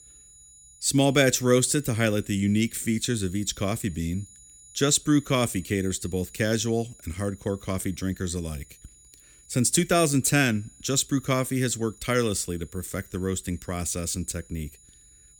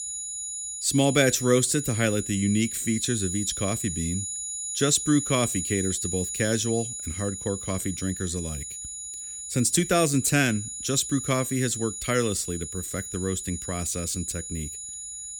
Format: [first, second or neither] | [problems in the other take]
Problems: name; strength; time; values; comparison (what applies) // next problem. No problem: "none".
first | high-pitched whine; loud; throughout; 7 kHz, 6 dB below the speech; faint in the first